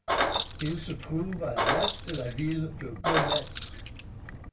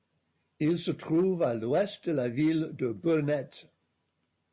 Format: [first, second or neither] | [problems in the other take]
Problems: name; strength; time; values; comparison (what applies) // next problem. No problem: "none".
second | background sound (Keys jangling); 2 dB above the speech // room echo; dies away in 0.2 s